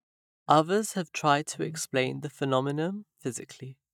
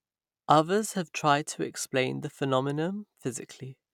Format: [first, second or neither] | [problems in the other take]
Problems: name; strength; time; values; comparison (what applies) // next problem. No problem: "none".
second | noise reduction (neural mask model DeepFilterNet 3)